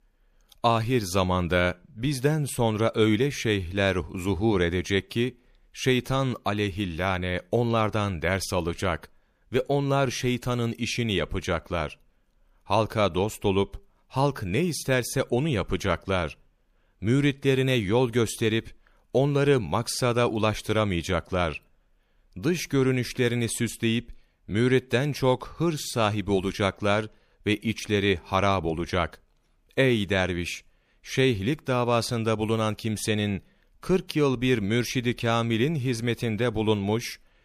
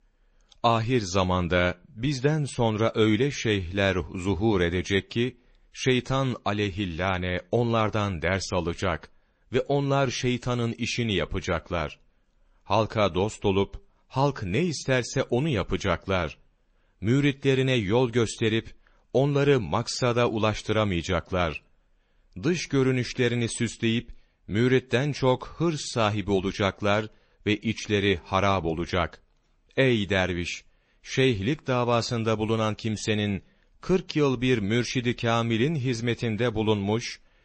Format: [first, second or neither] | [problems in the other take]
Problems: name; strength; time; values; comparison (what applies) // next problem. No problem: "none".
first | garbled, watery; slightly; nothing above 8 kHz